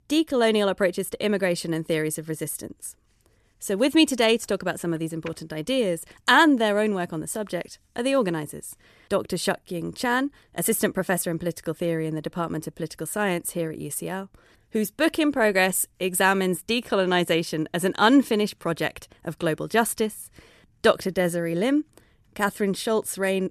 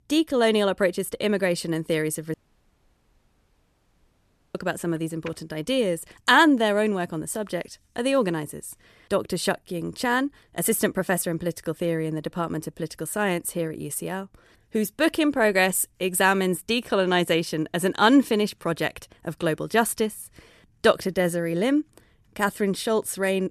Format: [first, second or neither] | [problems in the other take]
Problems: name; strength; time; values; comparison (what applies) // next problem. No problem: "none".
first | audio cutting out; at 2.5 s for 2 s